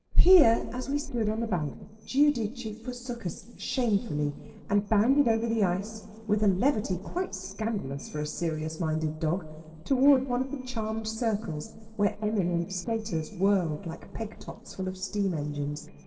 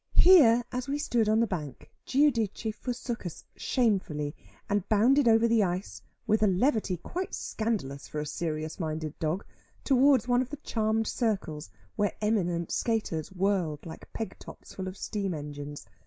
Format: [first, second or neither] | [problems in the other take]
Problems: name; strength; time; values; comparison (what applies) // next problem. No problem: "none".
second | noise reduction (neural separator model SepFormer DNS4)